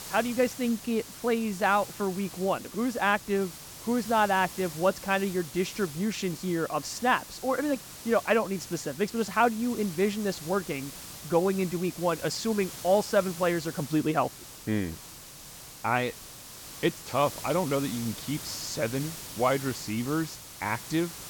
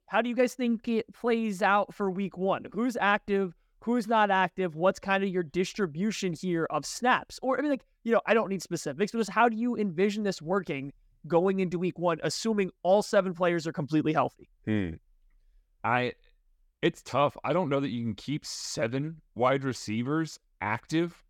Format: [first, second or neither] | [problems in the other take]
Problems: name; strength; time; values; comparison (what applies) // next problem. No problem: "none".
second | hiss; noticeable; throughout; 10 dB below the speech